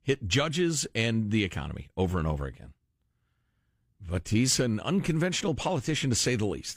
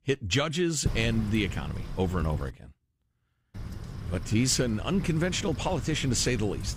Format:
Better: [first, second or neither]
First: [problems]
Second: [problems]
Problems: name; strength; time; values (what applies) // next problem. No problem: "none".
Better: first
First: none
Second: wind noise on the microphone; occasional gusts; from 1 to 2.5 s and from 3.5 s on; 15 dB below the speech